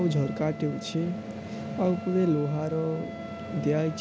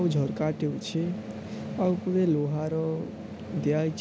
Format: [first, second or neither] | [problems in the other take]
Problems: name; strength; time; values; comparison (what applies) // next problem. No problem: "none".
second | background sound (Wind instrument, woodwind instrument); 16 dB below the speech